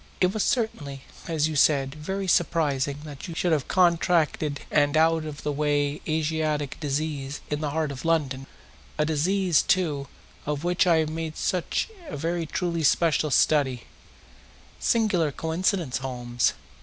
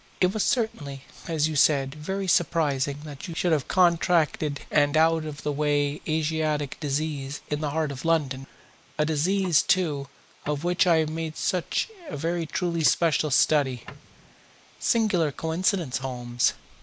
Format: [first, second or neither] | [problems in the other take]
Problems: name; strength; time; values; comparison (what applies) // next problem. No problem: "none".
first | noise reduction (neural mask model Resemble Enhance denoiser)